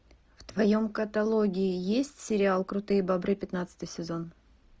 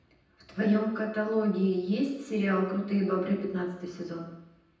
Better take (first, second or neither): first